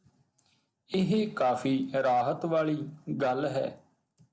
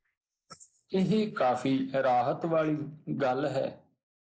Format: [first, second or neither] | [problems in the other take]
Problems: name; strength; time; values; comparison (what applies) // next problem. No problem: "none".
first | noise reduction (neural mask model Resemble Enhance denoiser)